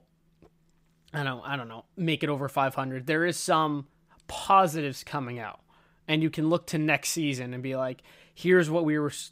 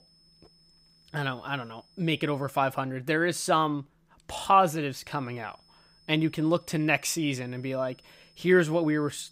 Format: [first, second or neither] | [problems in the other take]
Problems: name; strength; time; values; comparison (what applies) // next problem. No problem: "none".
first | high-pitched whine; faint; until 2.5 s and from 5 s on; 5 kHz, 30 dB below the speech